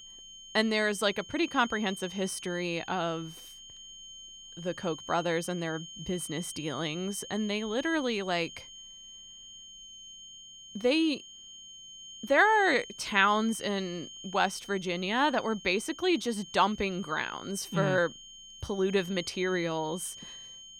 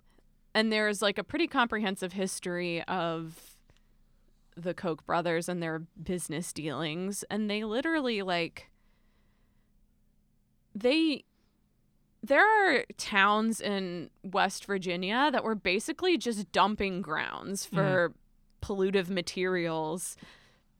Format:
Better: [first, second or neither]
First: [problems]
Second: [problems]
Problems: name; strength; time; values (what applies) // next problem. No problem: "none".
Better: second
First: high-pitched whine; noticeable; throughout; 3 kHz, 15 dB below the speech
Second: none